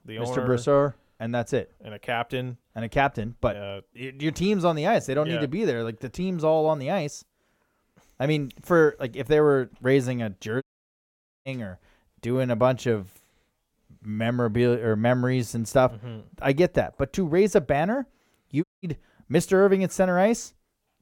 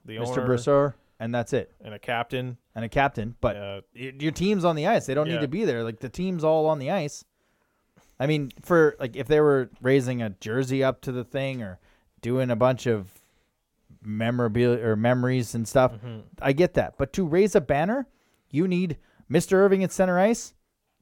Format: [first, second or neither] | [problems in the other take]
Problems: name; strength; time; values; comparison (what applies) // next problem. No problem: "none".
second | audio cutting out; at 11 s for 1 s and at 19 s